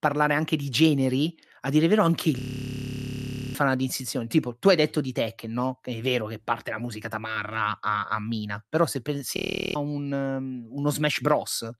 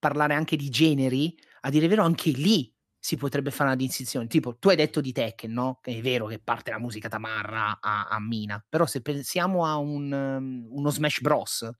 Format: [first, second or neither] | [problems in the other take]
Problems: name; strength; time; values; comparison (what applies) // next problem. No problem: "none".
second | audio freezing; at 2.5 s for 1 s and at 9.5 s